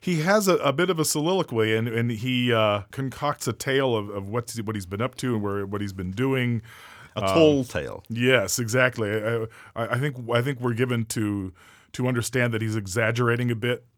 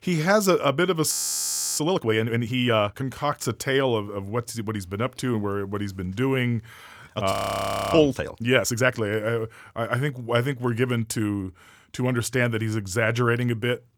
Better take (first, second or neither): first